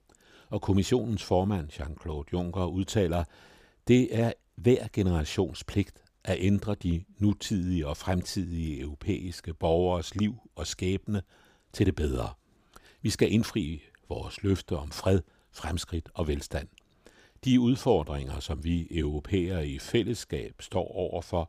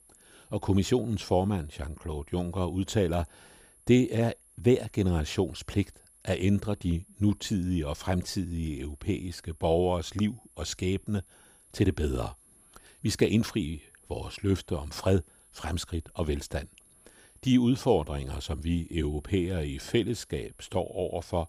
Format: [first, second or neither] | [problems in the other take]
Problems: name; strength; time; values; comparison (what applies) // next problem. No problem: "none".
first | high-pitched whine; faint; throughout; 11 kHz, 25 dB below the speech